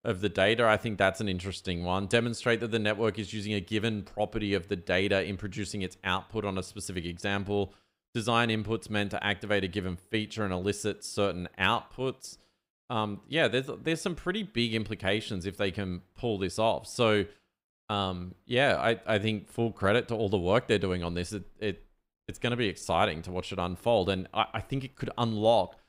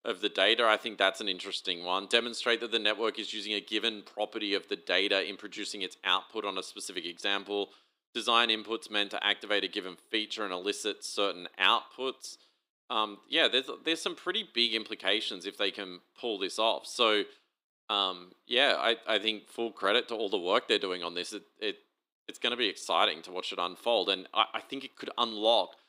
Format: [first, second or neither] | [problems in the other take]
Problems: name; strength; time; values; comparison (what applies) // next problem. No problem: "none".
first | thin; somewhat; fading below 300 Hz